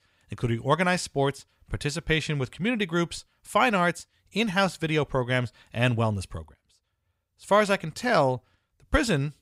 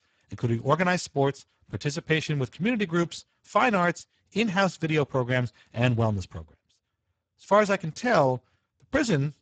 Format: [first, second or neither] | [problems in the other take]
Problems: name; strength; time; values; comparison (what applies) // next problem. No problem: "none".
first | garbled, watery; badly; nothing above 7.5 kHz